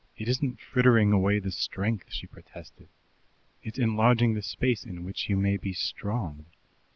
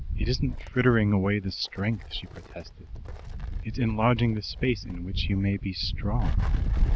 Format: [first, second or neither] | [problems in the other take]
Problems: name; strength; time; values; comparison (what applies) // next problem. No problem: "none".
first | background sound (Wind); 2 dB below the speech